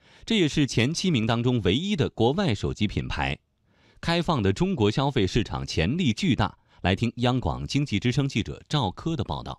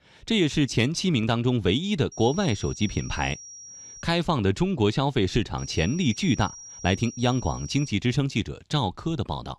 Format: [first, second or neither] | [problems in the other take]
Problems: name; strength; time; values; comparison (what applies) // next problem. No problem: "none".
first | high-pitched whine; noticeable; from 2 to 4 s and from 5.5 to 8 s; 5.5 kHz, 15 dB below the speech